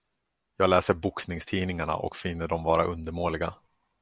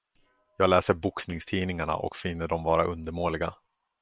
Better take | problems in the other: first | noise reduction (neural separator model SepFormer WHAM!)

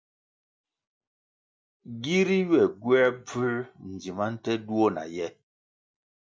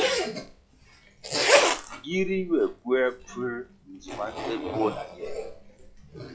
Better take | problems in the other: first | noise reduction (classical method log-MMSE)

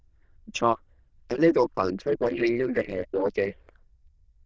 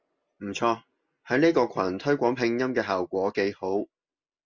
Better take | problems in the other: second | noise reduction (neural diffusion model UNIVERSE++)

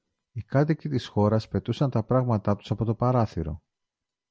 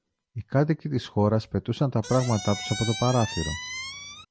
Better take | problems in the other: first | background sound (Squeak); 9 dB below the speech

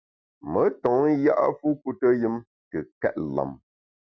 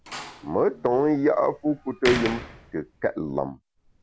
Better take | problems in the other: first | background sound (Slam); 11 dB below the speech

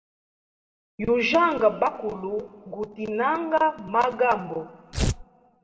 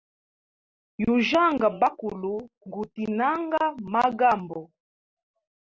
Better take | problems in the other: second | background sound (Tearing); as loud as the speech // room echo; dies away in 1.2 s

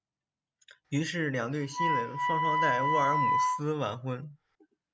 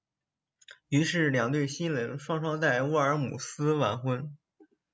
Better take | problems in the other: second | background sound (Wind instrument, woodwind instrument); 3 dB above the speech

